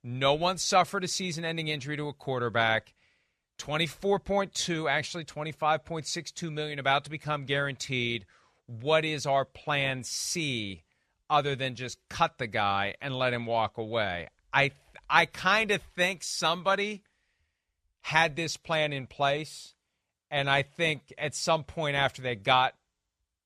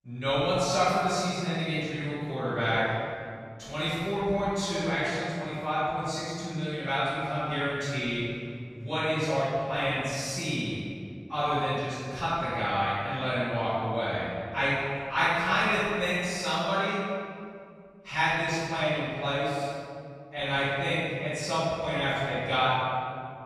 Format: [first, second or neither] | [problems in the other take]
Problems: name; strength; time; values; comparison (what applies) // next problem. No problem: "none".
first | room echo; strong; dies away in 2.1 s // off-mic speech; far